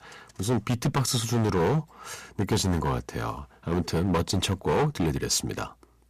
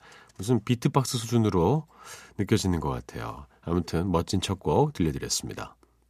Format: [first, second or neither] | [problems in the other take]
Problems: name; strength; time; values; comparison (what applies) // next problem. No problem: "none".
second | distortion; heavy; 10% of the sound clipped